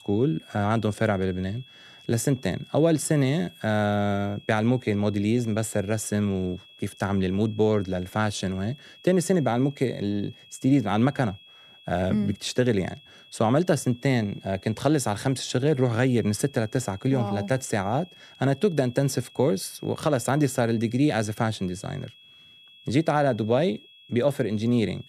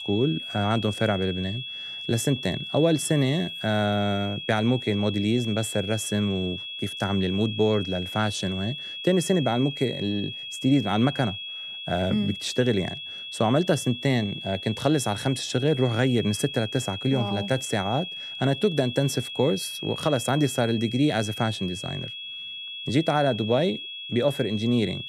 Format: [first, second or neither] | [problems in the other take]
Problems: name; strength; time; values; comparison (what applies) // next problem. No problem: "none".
first | high-pitched whine; loud; throughout; 3.5 kHz, 8 dB below the speech; faint in the first